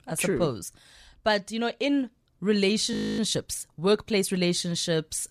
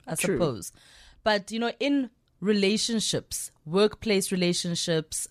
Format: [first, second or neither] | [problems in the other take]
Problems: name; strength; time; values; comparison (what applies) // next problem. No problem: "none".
second | audio freezing; at 3 s